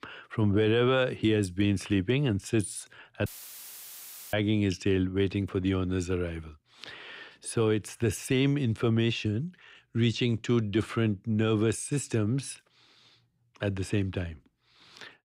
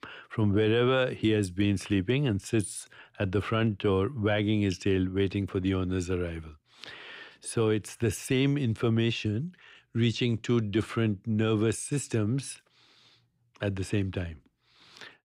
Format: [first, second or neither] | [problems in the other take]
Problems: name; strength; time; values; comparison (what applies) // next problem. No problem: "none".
second | audio cutting out; filled with static; at 3.5 s for 1 s